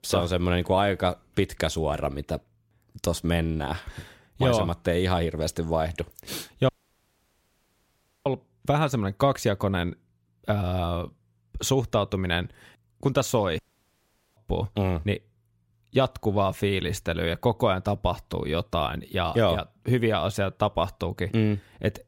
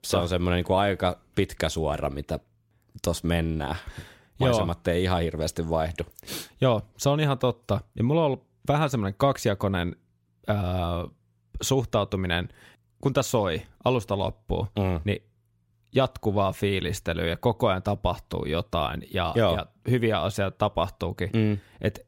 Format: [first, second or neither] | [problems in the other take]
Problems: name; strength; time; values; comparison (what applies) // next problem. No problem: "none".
second | audio cutting out; at 6.5 s for 1.5 s and at 14 s for 1 s